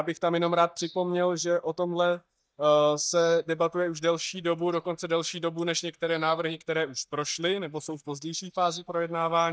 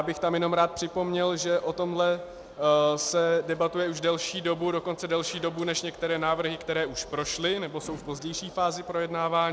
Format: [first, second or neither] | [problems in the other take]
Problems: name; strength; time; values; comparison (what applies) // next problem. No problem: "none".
second | noise reduction (neural mask model DeepFilterNet 3)